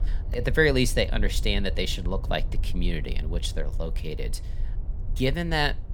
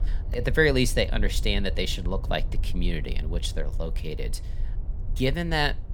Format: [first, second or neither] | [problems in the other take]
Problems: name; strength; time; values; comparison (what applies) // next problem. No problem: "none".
neither | low rumble; faint; throughout; 20 dB below the speech; the same in both